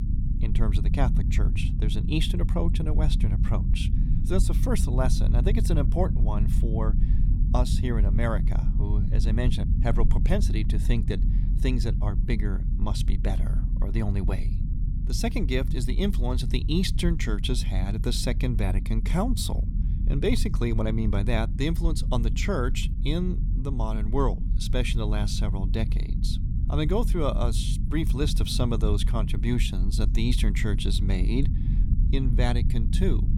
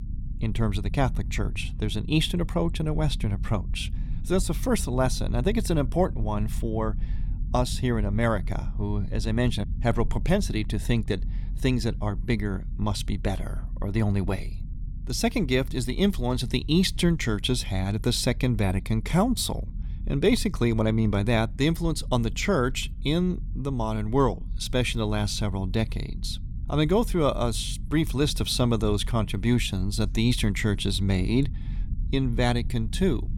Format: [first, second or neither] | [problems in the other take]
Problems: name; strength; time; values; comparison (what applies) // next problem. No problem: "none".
second | low rumble; loud; throughout; 9 dB below the speech; faint in the second